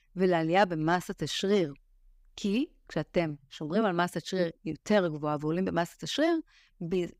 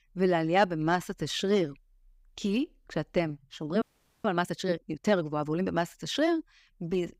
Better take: first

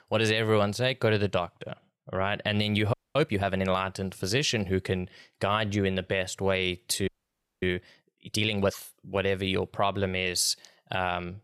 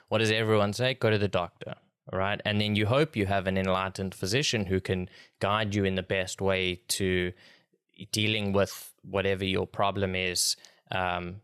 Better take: second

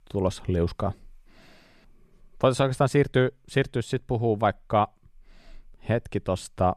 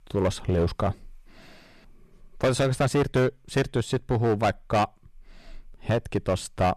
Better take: first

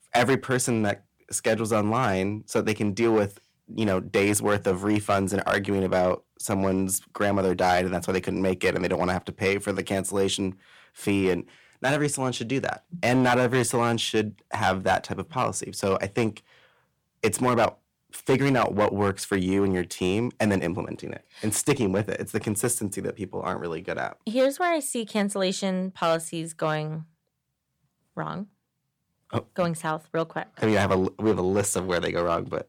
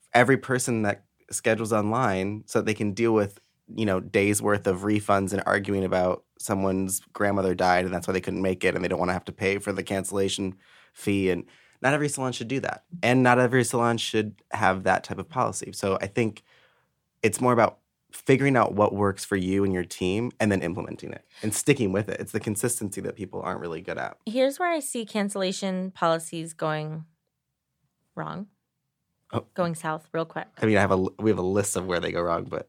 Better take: second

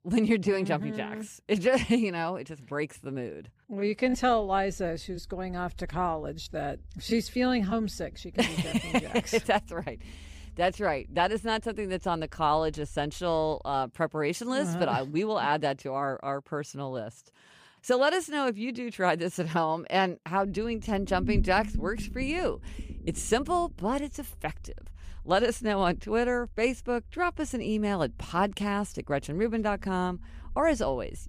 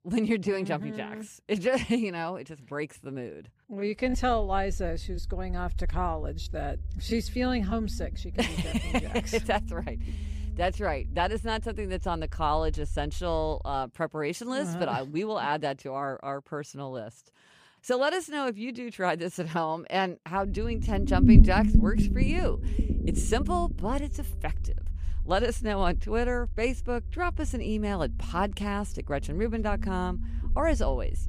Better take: first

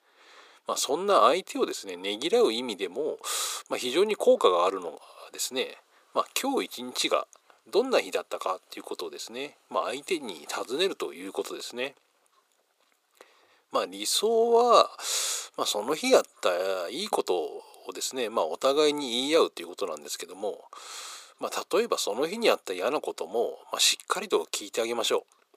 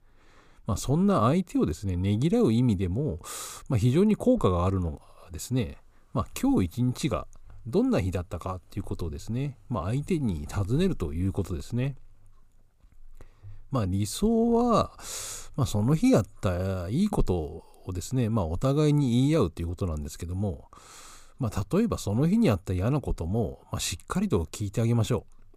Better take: second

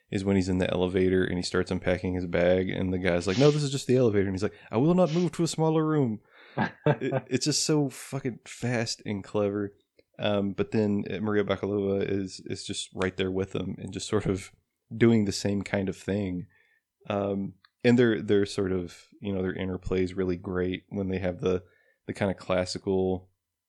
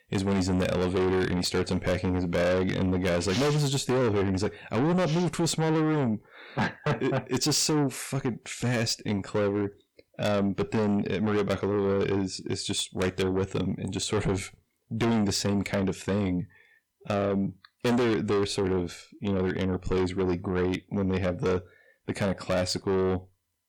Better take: first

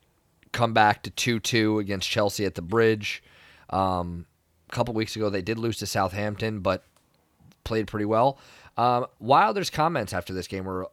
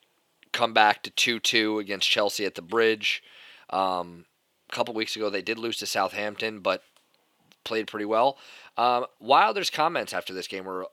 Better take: first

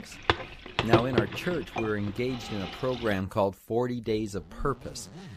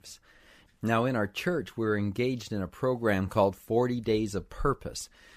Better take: second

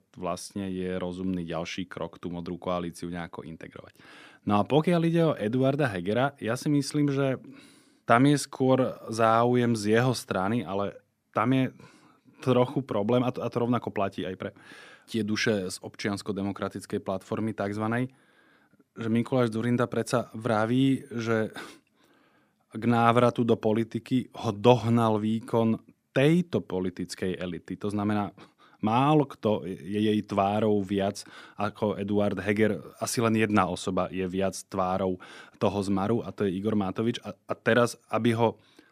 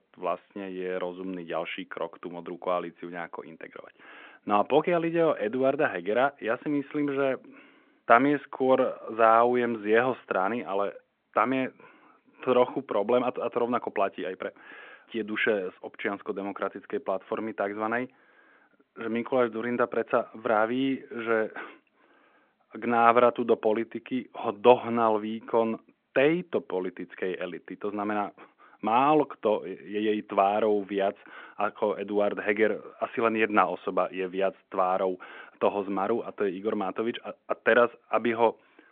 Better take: first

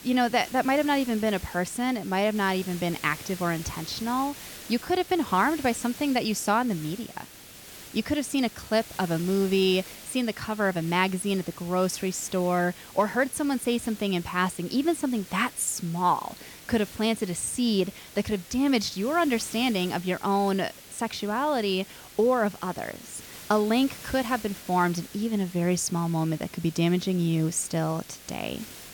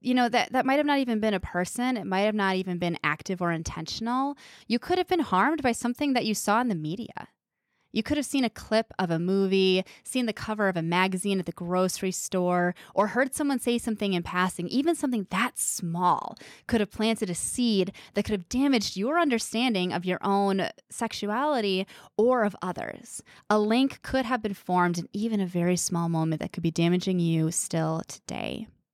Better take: second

